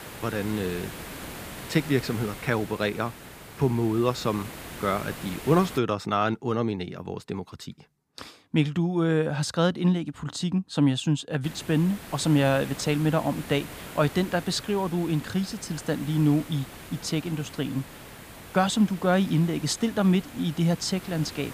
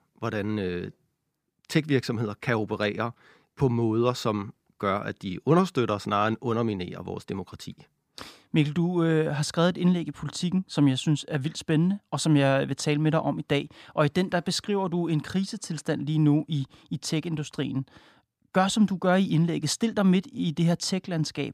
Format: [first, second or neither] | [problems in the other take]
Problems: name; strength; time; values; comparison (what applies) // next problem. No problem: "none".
second | hiss; noticeable; until 6 s and from 11 s on; 15 dB below the speech